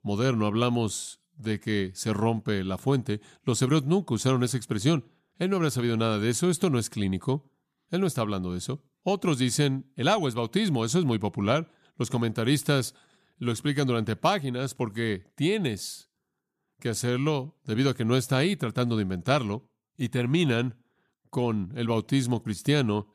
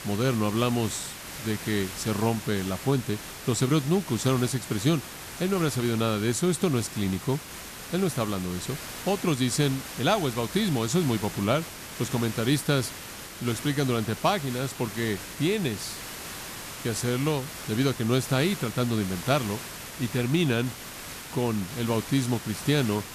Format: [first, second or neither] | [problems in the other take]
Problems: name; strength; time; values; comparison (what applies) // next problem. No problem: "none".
first | hiss; loud; throughout; 10 dB below the speech